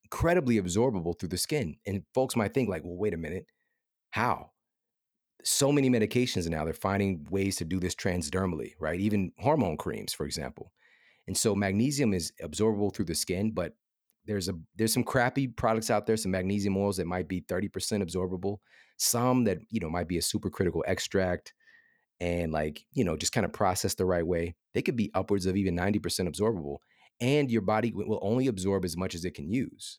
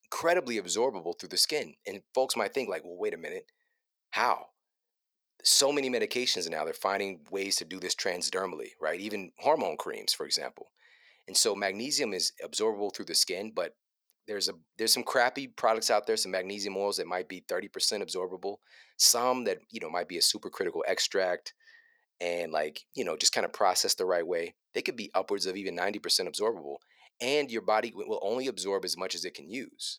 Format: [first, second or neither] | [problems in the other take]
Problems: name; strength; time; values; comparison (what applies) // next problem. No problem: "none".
first | thin; somewhat; fading below 550 Hz